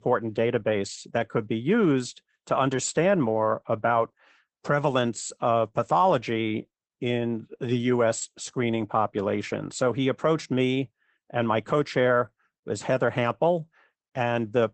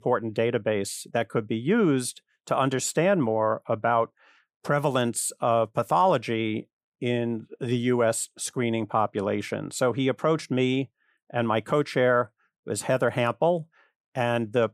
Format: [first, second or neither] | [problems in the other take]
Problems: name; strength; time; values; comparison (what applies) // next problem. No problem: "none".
second | garbled, watery; badly; nothing above 8 kHz